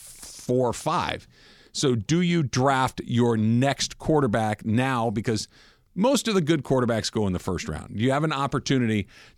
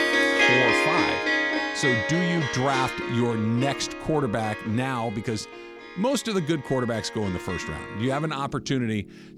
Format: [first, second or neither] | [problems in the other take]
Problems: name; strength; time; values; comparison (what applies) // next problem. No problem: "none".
first | background music; very loud; throughout; 3 dB above the speech